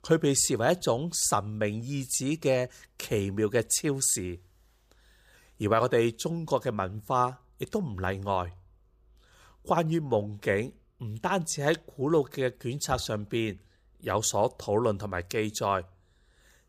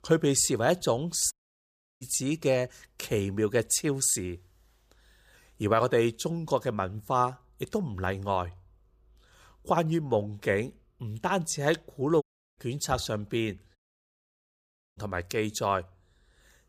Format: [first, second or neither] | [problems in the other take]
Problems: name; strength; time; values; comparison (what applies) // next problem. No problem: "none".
first | audio cutting out; at 1.5 s for 0.5 s, at 12 s and at 14 s for 1 s